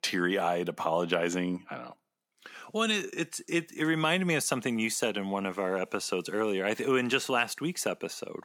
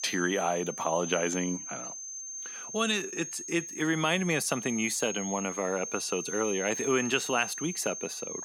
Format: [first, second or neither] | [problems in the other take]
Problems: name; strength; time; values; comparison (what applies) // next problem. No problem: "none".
first | high-pitched whine; loud; throughout; 6.5 kHz, 6 dB below the speech